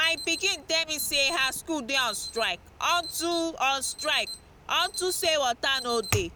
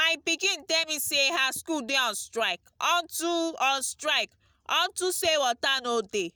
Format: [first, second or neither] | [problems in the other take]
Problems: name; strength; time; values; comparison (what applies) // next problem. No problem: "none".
second | background sound (Alarm); 10 dB below the speech